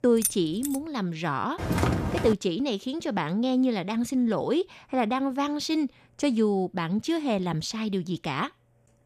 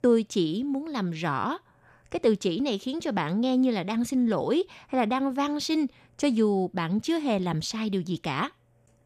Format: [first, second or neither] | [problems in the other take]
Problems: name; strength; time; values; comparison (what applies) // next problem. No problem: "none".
second | jangling keys; noticeable; at the start; peak 1 dB below the speech // footsteps; loud; at 1.5 s; peak 2 dB above the speech